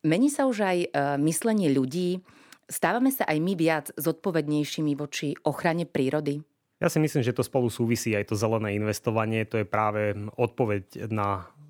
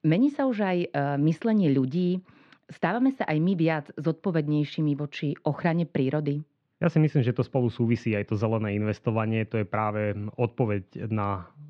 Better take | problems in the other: first | muffled; slightly; fading above 4 kHz

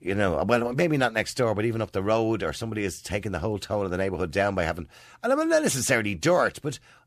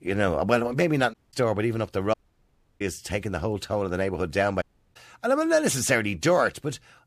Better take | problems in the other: first | audio cutting out; at 1 s, at 2 s for 0.5 s and at 4.5 s

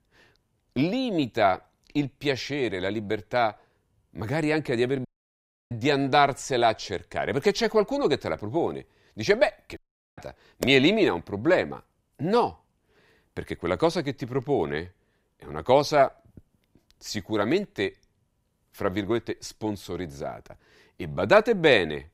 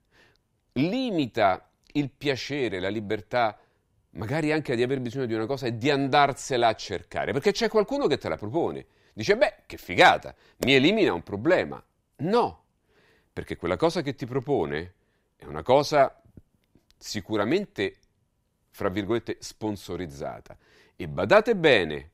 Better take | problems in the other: second | audio cutting out; at 5 s for 0.5 s and at 10 s

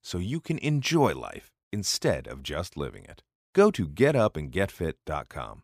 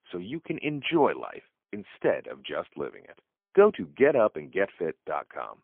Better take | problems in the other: first | phone-call audio; poor line; nothing above 3.5 kHz

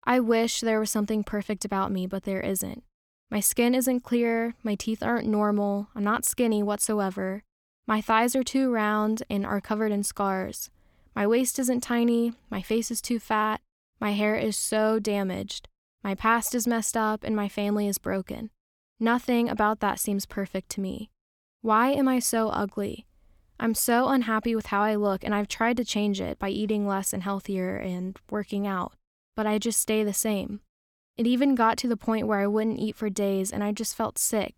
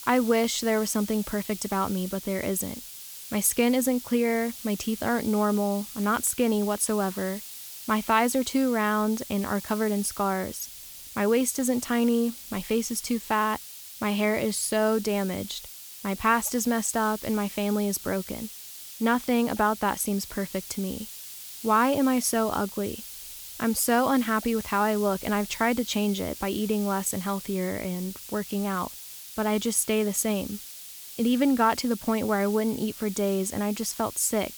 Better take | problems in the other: first | hiss; noticeable; throughout; 10 dB below the speech

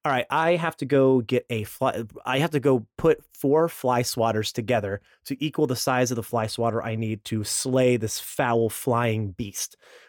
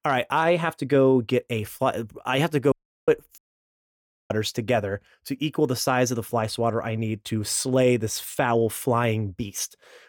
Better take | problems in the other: first | audio cutting out; at 2.5 s and at 3.5 s for 1 s

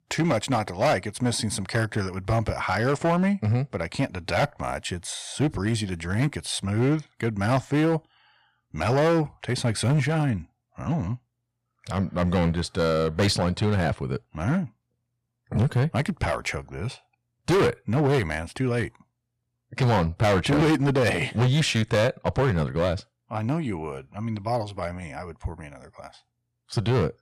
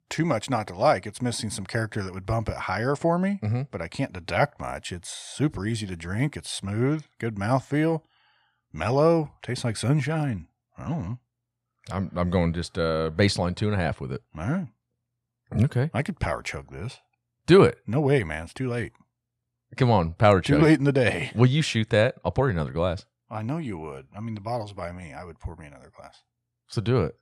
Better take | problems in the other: second | distortion; heavy; 8% of the sound clipped

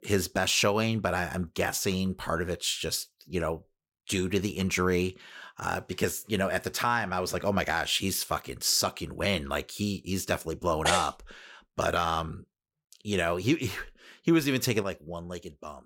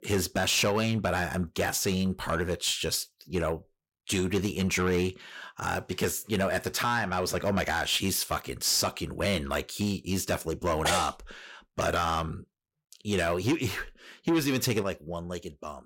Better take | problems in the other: first | distortion; slight; 10 dB below the speech

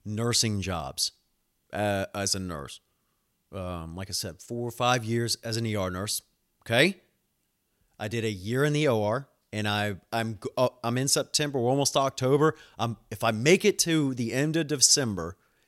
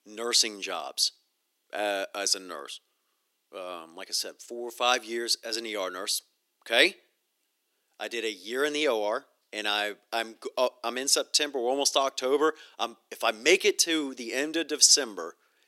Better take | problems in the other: first | thin; somewhat; fading below 300 Hz

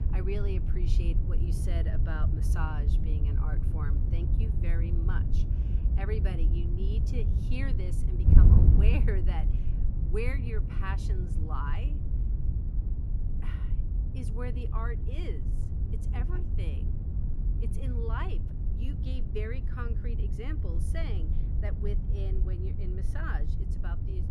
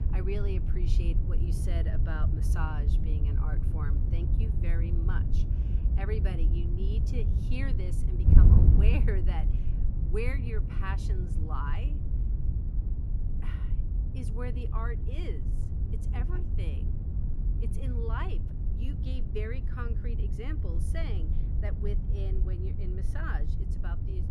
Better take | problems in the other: neither | wind noise on the microphone; heavy; 3 dB below the speech; the same in both

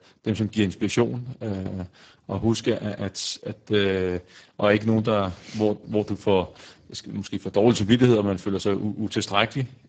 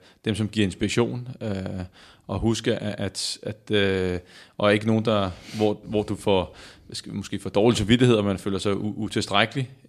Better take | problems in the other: second | garbled, watery; badly; nothing above 8 kHz

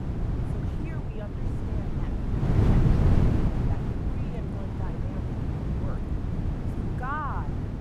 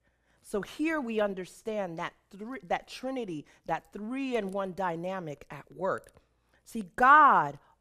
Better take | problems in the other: second | wind noise on the microphone; heavy; 2 dB above the speech

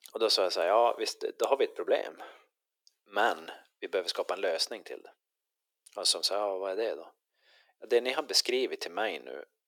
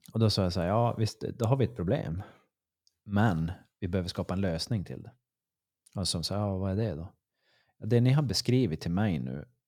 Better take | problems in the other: second | thin; very; fading below 350 Hz

